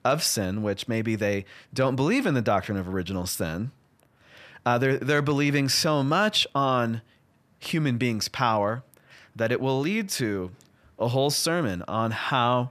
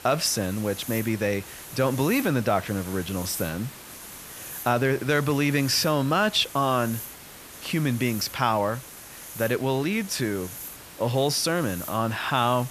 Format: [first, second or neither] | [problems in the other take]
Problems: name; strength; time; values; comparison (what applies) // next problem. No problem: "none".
first | hiss; noticeable; throughout; 15 dB below the speech